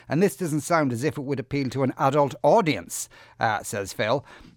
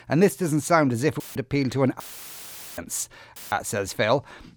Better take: first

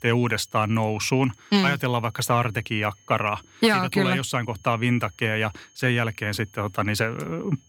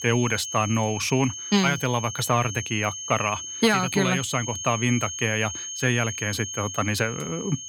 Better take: first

